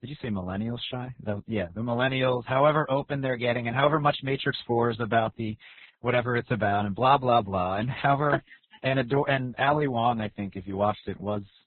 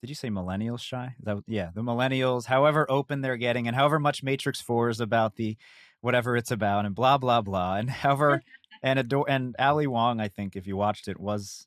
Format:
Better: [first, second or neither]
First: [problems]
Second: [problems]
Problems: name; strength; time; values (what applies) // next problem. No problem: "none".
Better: second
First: garbled, watery; badly; nothing above 4 kHz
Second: none